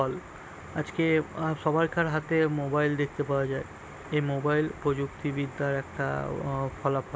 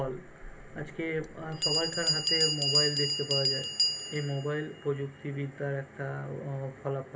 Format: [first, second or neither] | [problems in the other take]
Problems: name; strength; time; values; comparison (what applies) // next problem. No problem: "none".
first | background sound (Bell); 1 dB above the speech // room echo; dies away in 0.3 s